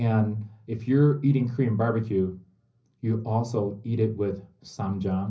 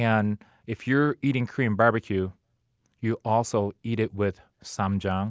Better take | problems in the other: second | room echo; dies away in 0.5 s

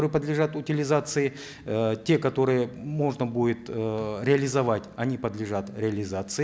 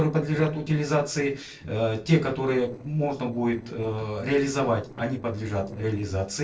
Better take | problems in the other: first | noise reduction (neural separator model SepFormer DNS4)

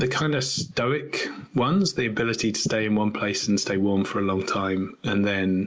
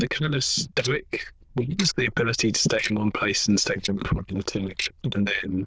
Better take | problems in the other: first | noise reduction (neural diffusion model UNIVERSE++)

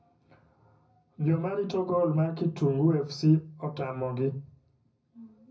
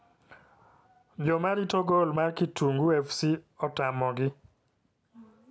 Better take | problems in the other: second | room echo; dies away in 0.4 s

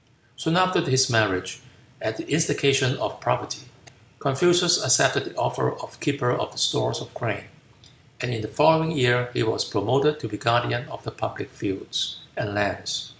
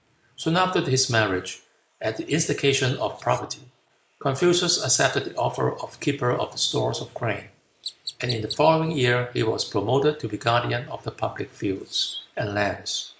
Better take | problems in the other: first | noise reduction (neural mask model Resemble Enhance denoiser)

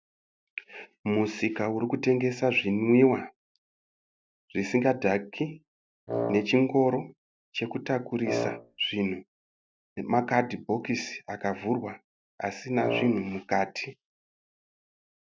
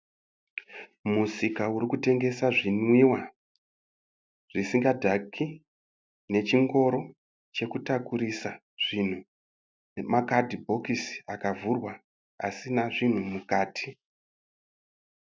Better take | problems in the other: second | background sound (Wind instrument, woodwind instrument); 4 dB below the speech

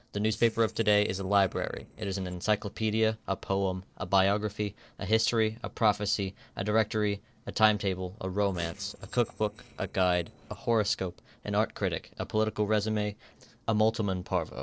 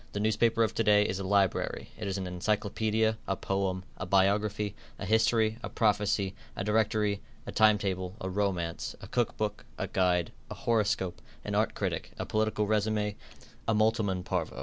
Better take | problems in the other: second | noise reduction (neural separator model SepFormer DNS4)

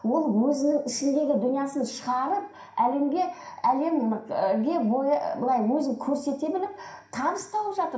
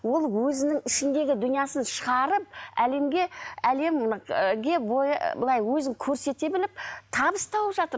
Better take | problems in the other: second | room echo; dies away in 0.5 s

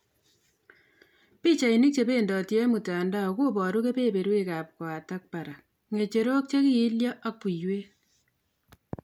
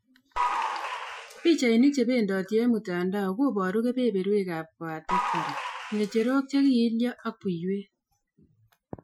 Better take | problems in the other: first | noise reduction (classical method Wiener filter)

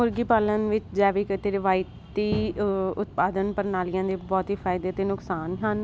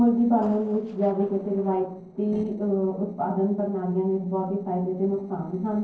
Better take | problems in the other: first | noise reduction (neural separator model SepFormer DNS4)

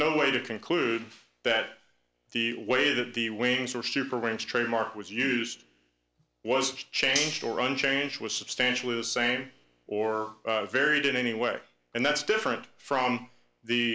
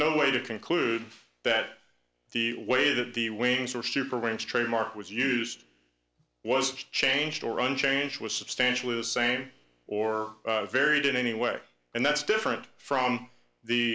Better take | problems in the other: second | background sound (Cutlery, silverware); 8 dB below the speech

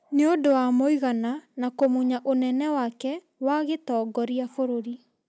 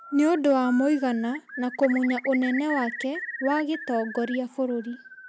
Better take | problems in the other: first | background sound (Bird); 12 dB below the speech

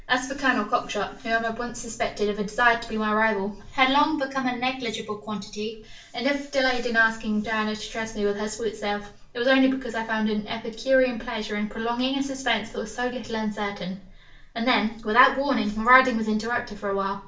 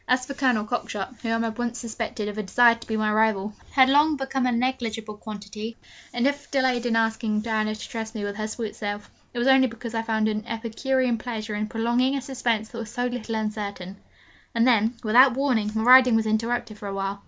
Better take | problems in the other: second | room echo; dies away in 0.3 s

